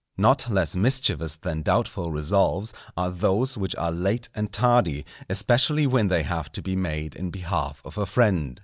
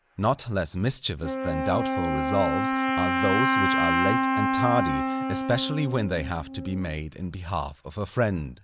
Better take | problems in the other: first | background sound (Wind instrument, woodwind instrument); 1 dB above the speech

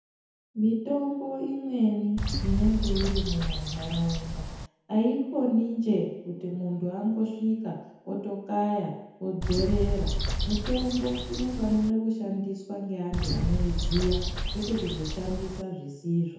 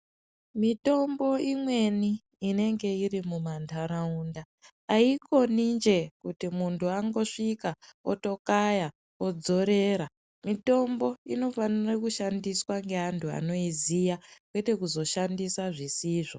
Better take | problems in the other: second | background sound (Bird); as loud as the speech // room echo; dies away in 1 s

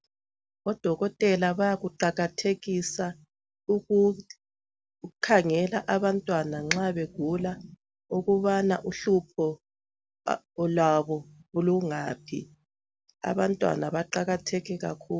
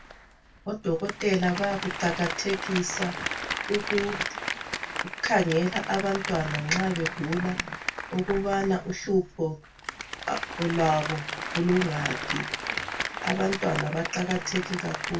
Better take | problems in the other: first | background sound (Applause); 5 dB below the speech // room echo; dies away in 0.2 s

